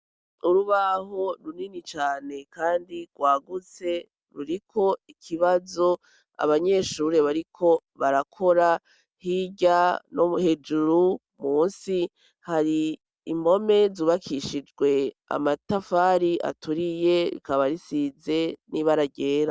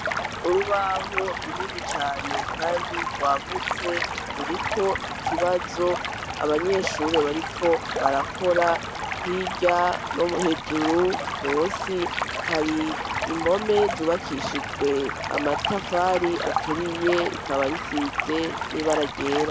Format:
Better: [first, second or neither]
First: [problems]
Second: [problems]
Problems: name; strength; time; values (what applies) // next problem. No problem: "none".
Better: first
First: none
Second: background sound (Stream); 3 dB below the speech